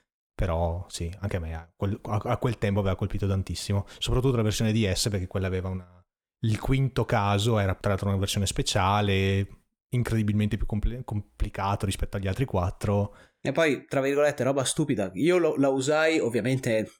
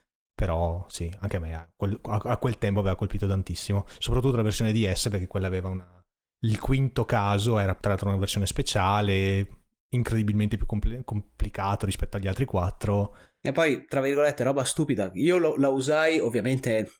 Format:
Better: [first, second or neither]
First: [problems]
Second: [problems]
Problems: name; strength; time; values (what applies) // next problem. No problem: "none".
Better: first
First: none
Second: garbled, watery; slightly